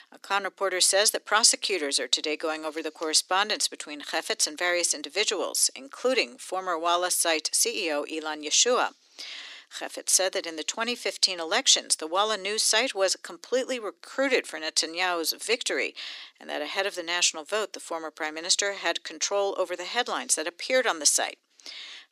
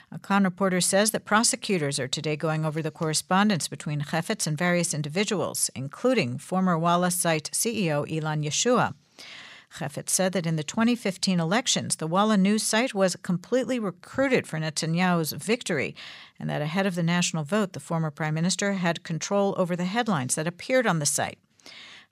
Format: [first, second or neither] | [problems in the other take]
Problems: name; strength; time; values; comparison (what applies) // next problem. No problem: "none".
second | thin; very; fading below 300 Hz